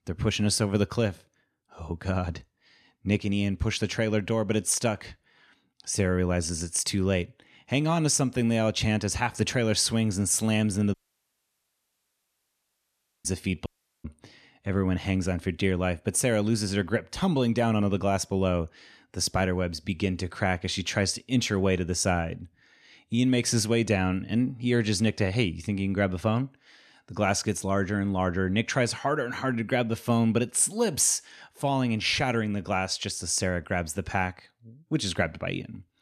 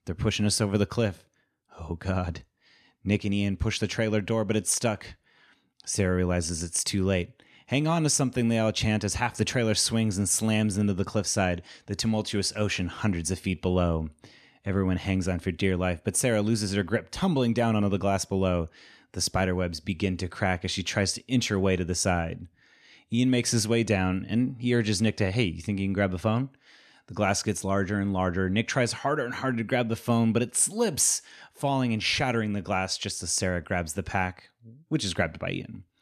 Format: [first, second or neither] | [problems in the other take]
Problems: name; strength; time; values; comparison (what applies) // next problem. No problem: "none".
second | audio cutting out; at 11 s for 2.5 s and at 14 s